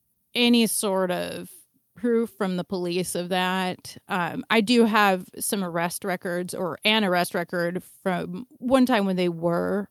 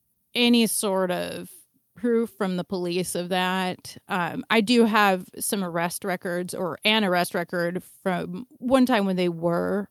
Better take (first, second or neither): neither